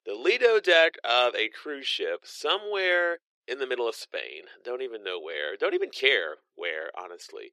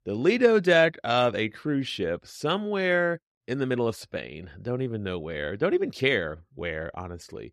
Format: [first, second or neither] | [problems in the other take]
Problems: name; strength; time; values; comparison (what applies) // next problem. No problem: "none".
second | thin; very; fading below 350 Hz